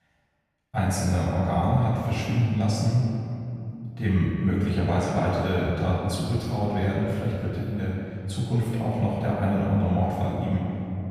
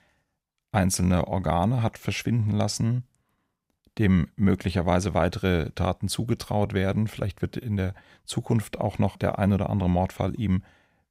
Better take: second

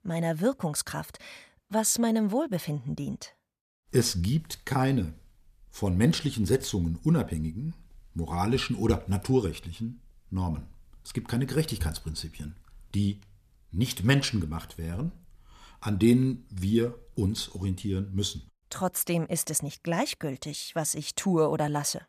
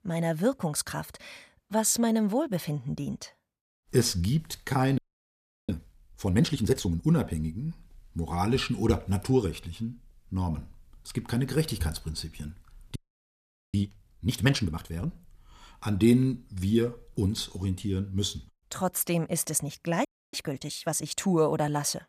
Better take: first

